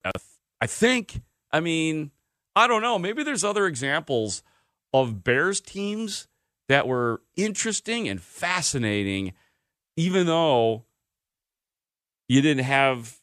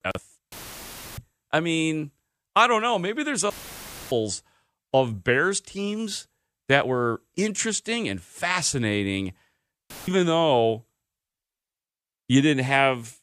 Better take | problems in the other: first | audio cutting out; filled with static; at 0.5 s for 0.5 s, at 3.5 s for 0.5 s and at 10 s

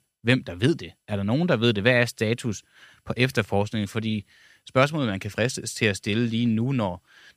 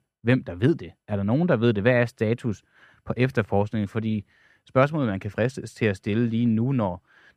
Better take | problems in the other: first | muffled; slightly; fading above 2.5 kHz

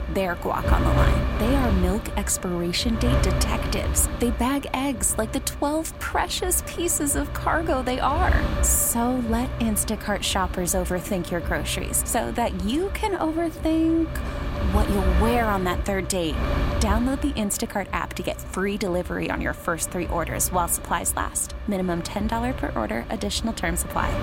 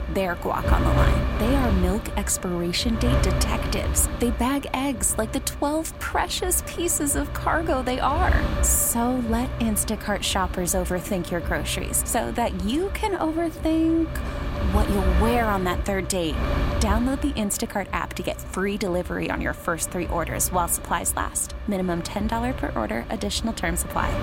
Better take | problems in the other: neither | wind noise on the microphone; heavy; 8 dB below the speech; the same in both

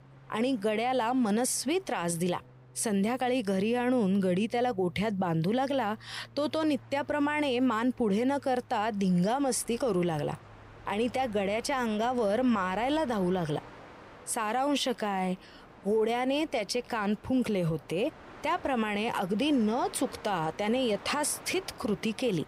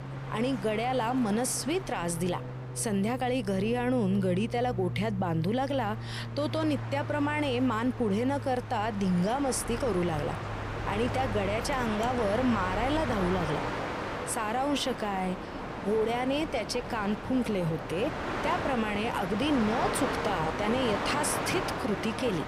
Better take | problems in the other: first | train or aircraft noise; loud; throughout; 5 dB below the speech; faint in the first

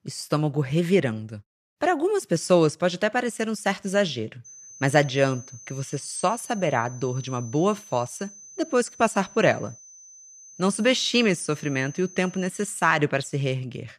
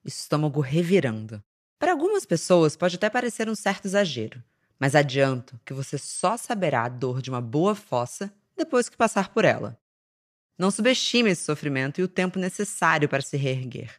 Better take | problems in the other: second | high-pitched whine; noticeable; from 4.5 to 12 s; 6 kHz, 20 dB below the speech

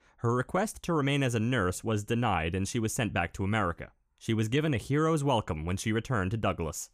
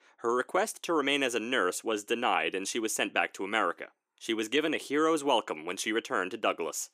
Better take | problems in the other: first | thin; somewhat; fading below 300 Hz

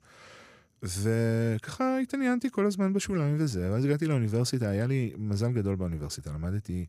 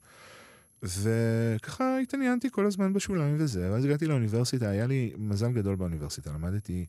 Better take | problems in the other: first | high-pitched whine; faint; until 3.5 s and from 5 s on; 11 kHz, 30 dB below the speech

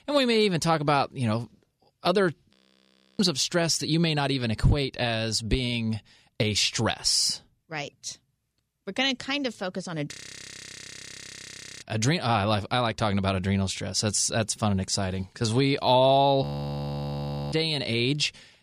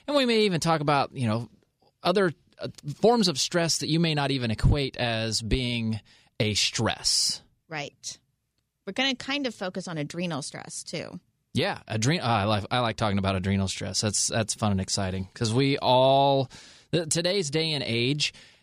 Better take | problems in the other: second | audio freezing; at 2.5 s for 0.5 s, at 10 s for 1.5 s and at 16 s for 1 s

